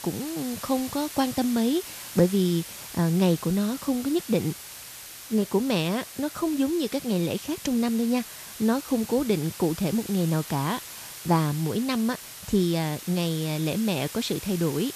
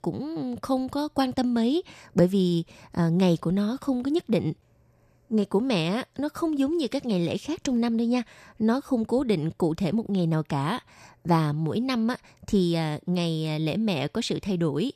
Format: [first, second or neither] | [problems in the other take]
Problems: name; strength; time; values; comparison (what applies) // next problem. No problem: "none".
second | hiss; noticeable; throughout; 10 dB below the speech